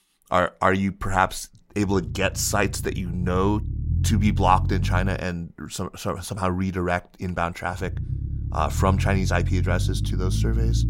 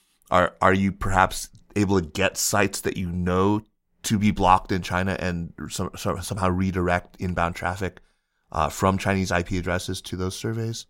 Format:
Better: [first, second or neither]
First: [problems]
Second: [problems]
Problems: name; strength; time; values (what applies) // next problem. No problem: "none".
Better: second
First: low rumble; noticeable; from 2 to 5 s and from 8 s on; 15 dB below the speech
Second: none